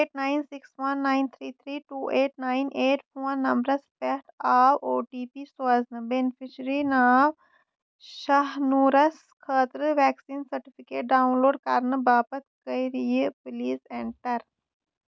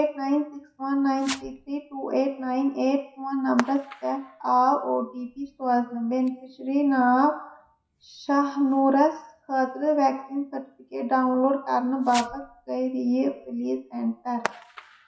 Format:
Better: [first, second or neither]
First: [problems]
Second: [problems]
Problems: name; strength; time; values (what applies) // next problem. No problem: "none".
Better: first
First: none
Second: noise reduction (classical method WPE with log-MMSE)